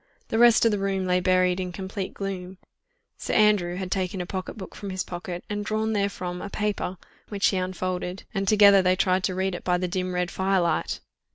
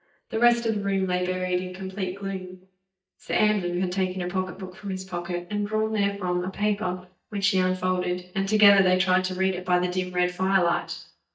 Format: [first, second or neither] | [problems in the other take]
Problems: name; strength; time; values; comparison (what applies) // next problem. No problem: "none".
first | noise reduction (neural mask model DeepFilterNet 3)